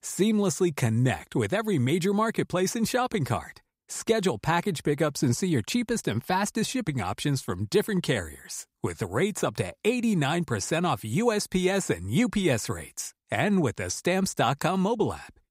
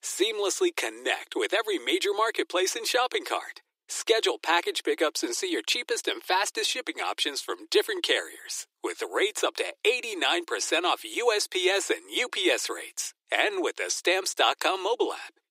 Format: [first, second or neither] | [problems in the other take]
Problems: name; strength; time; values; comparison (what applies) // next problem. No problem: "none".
first | thin; very; fading below 300 Hz